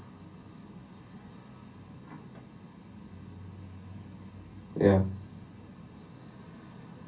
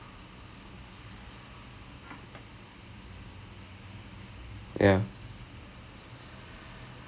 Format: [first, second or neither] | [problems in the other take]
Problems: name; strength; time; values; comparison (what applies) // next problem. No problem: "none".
second | room echo; dies away in 0.3 s